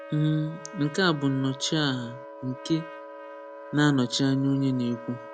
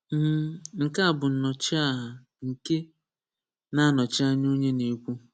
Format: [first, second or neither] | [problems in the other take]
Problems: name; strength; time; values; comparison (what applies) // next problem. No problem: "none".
second | background sound (Wind instrument, woodwind instrument + Trumpet); 15 dB below the speech